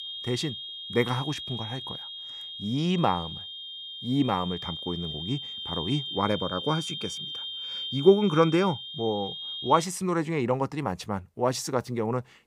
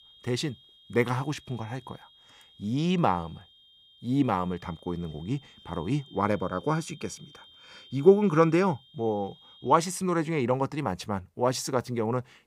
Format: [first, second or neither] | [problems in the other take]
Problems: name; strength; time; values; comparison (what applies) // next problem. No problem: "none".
second | high-pitched whine; loud; until 10 s; 3 kHz, 7 dB below the speech; faint in the second